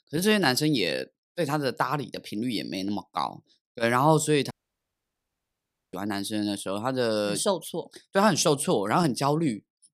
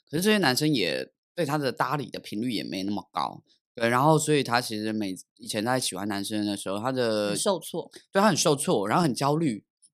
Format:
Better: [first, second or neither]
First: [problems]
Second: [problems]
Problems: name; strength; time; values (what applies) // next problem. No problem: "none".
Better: second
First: audio cutting out; at 4.5 s for 1.5 s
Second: none